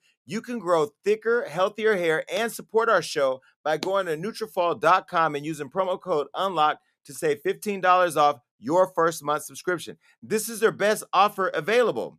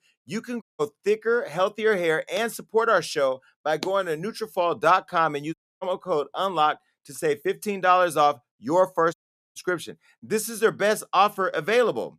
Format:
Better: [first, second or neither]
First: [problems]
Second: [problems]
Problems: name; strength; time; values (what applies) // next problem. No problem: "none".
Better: first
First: none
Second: audio cutting out; at 0.5 s, at 5.5 s and at 9 s